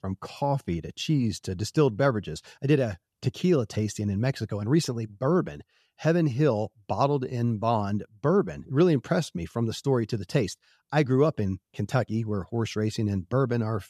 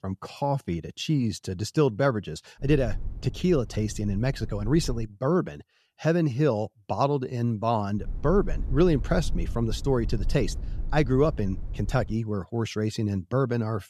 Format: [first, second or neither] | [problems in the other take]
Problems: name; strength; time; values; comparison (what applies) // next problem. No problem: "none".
first | low rumble; faint; from 2.5 to 5 s and from 8 to 12 s; 25 dB below the speech